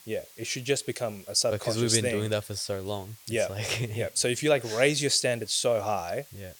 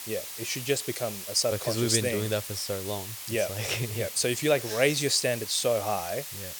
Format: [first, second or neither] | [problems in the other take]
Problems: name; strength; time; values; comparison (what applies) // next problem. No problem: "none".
first | hiss; loud; throughout; 8 dB below the speech; faint in the first